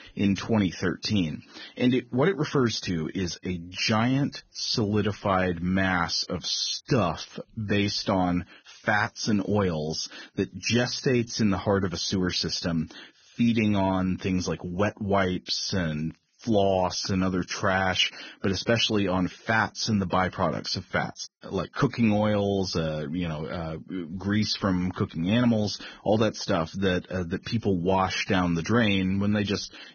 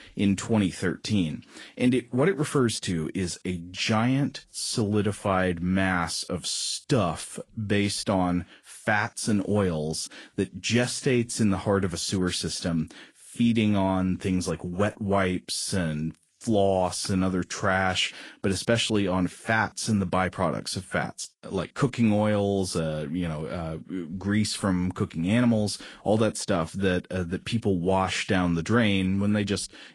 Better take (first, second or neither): second